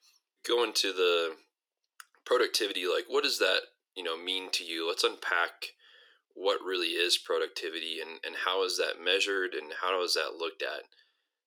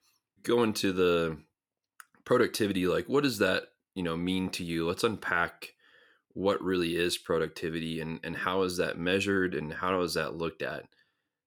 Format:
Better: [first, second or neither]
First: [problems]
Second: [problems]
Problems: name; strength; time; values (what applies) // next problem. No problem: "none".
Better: second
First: thin; very; fading below 350 Hz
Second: none